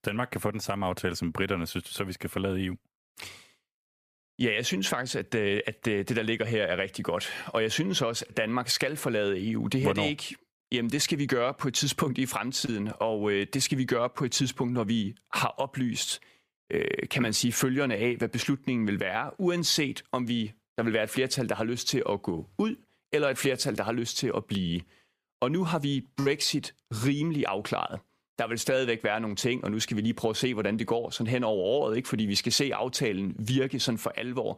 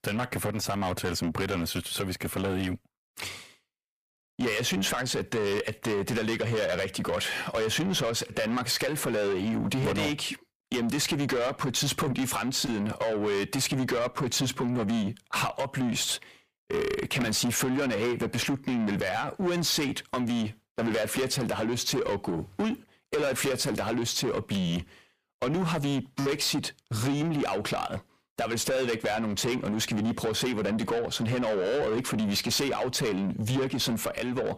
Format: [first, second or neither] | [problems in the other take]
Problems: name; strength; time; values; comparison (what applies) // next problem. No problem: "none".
first | distortion; heavy; 7 dB below the speech